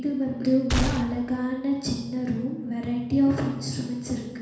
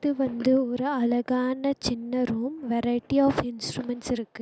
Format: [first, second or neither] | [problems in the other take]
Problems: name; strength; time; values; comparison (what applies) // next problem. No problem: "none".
second | background sound (Gunshot, gunfire); 3 dB below the speech // room echo; dies away in 1.1 s